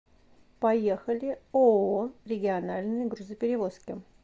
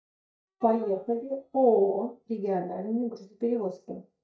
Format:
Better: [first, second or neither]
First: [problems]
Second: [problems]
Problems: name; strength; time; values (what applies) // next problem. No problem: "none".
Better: first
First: none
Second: noise reduction (neural mask model DeepFilterNet 3)